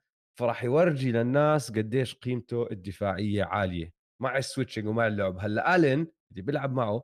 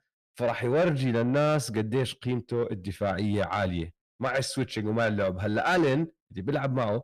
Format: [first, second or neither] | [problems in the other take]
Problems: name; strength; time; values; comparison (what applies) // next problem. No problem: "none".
first | distortion; slight; 10 dB below the speech